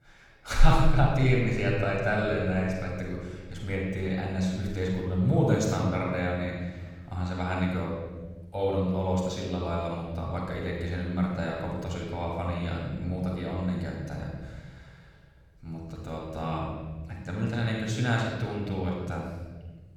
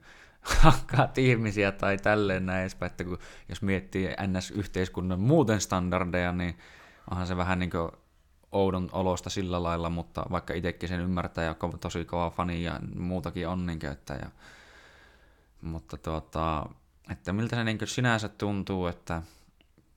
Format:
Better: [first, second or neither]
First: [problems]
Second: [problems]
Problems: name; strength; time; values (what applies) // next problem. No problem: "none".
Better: second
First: off-mic speech; far // room echo; noticeable; dies away in 1.5 s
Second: none